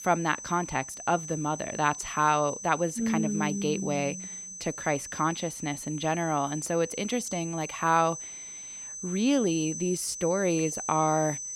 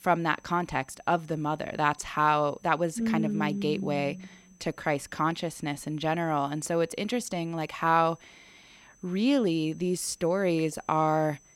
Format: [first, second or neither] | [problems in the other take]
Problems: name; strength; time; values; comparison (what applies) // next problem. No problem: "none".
second | high-pitched whine; loud; throughout; 6 kHz, 9 dB below the speech; faint in the second